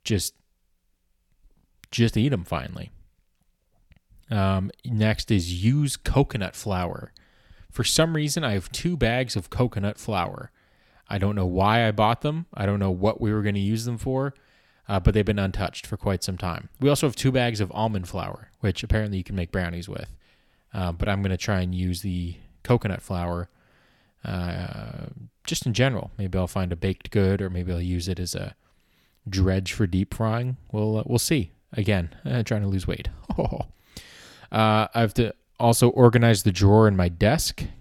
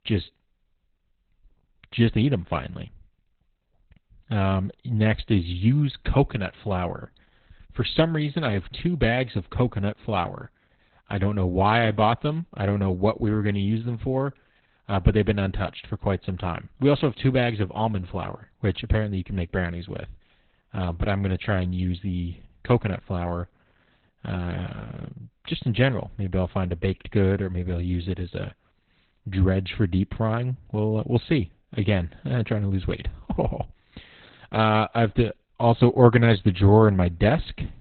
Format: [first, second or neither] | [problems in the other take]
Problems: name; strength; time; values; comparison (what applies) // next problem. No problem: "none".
first | garbled, watery; badly; nothing above 4 kHz